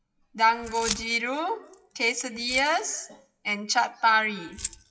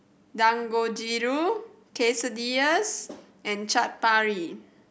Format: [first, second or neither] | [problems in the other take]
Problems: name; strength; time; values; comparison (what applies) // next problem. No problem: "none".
second | noise reduction (classical method WPE with log-MMSE)